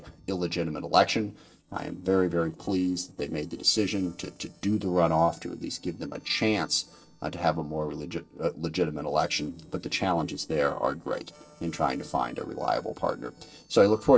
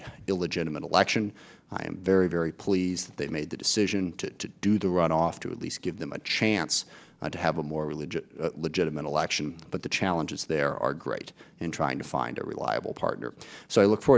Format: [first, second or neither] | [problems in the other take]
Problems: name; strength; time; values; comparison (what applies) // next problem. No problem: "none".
second | noise reduction (neural separator model SepFormer DNS4)